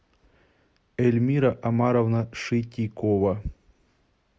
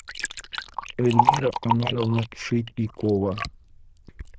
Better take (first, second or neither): first